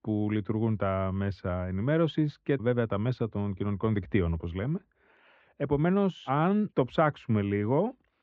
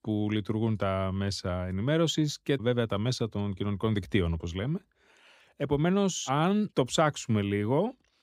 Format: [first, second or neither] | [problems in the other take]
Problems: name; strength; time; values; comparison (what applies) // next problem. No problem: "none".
second | muffled; very; fading above 2 kHz